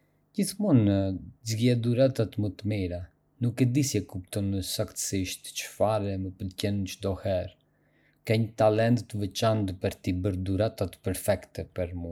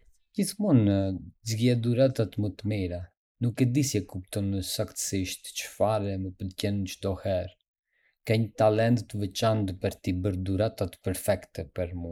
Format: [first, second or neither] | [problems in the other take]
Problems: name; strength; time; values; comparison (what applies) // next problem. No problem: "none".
first | noise reduction (neural mask model Resemble Enhance denoiser)